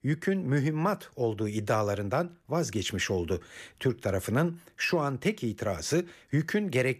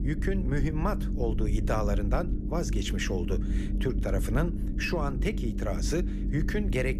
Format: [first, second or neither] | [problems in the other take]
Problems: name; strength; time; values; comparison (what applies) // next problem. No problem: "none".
first | low rumble; loud; throughout; 8 dB below the speech